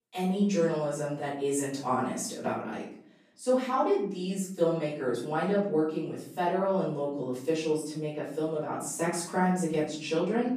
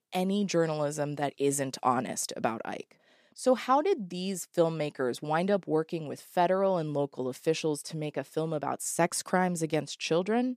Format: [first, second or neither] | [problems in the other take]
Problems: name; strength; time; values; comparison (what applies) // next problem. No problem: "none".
second | off-mic speech; far // room echo; noticeable; dies away in 0.5 s